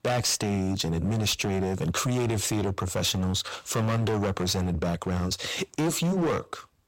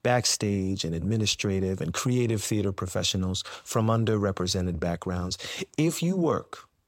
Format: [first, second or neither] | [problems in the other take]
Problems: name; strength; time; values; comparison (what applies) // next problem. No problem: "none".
second | distortion; heavy; 20% of the sound clipped